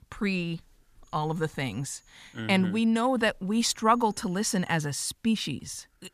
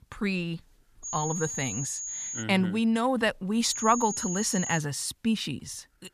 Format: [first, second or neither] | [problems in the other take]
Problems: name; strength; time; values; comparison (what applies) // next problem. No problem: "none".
first | high-pitched whine; loud; from 1 to 2.5 s and from 3.5 to 5 s; 6.5 kHz, 5 dB below the speech; faint in the first